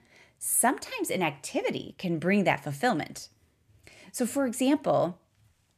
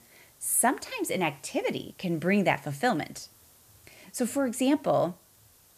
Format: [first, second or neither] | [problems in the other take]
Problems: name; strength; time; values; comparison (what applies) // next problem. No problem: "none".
first | hiss; faint; throughout; 30 dB below the speech